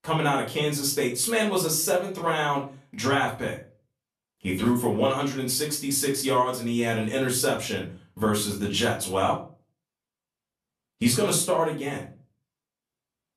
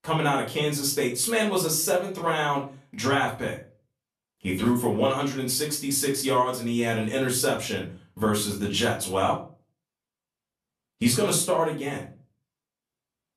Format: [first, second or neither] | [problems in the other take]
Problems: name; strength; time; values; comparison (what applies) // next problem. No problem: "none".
neither | off-mic speech; far; the same in both // room echo; slight; dies away in 0.3 s; the same in both